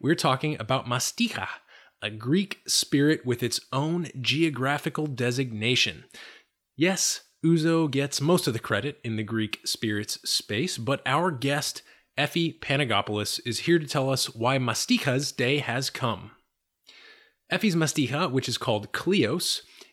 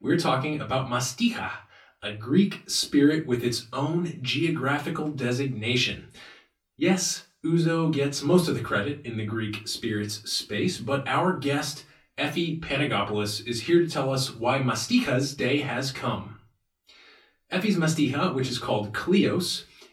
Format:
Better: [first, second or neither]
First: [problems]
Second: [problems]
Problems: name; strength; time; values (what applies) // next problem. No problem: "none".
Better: first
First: none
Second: off-mic speech; far // room echo; very slight; dies away in 0.3 s